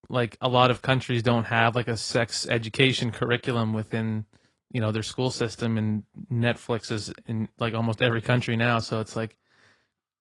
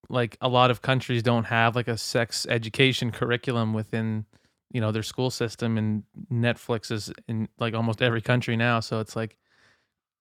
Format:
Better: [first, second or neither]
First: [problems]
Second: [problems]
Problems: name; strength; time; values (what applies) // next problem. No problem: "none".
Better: second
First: garbled, watery; slightly; nothing above 10 kHz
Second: none